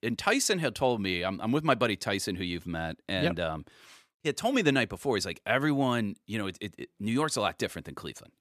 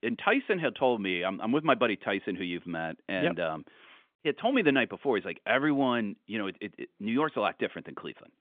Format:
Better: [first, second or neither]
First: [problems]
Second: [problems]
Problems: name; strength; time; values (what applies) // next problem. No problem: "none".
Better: first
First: none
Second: phone-call audio; nothing above 3.5 kHz